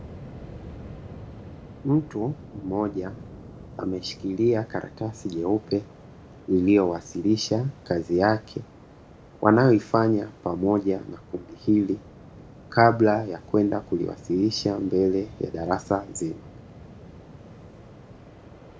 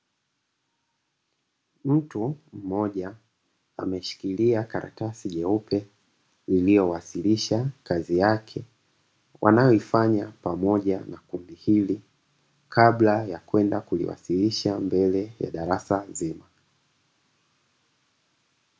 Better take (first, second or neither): second